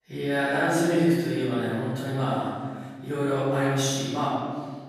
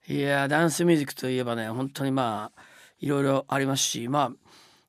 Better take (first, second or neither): second